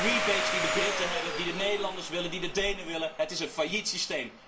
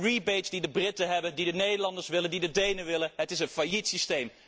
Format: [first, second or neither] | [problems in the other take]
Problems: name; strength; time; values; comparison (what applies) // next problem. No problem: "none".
second | background sound (Domestic sounds, home sounds); 2 dB below the speech // room echo; dies away in 0.3 s